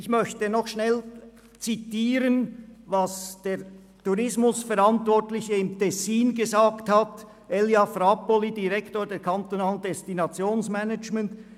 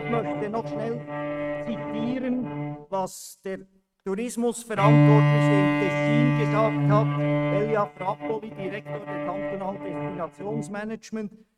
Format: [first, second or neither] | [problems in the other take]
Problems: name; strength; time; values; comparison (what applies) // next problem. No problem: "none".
first | noise reduction (neural mask model RNNoise)